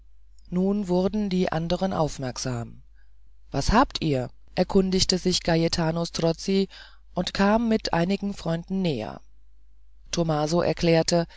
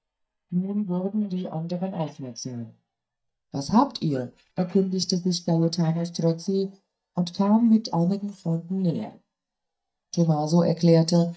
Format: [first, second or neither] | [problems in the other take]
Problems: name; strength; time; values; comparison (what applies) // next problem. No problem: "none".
first | noise reduction (neural mask model DeepFilterNet 3)